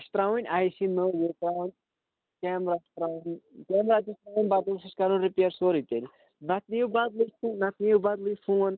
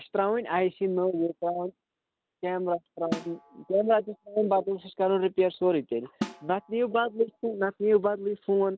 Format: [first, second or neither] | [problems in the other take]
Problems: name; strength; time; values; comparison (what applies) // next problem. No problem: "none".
first | background sound (Snare drum); 14 dB below the speech